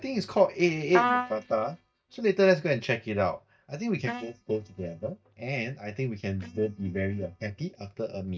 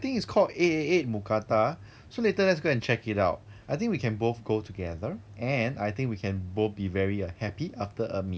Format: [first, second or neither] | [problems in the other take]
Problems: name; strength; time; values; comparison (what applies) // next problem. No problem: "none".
second | noise reduction (neural mask model DeepFilterNet 3)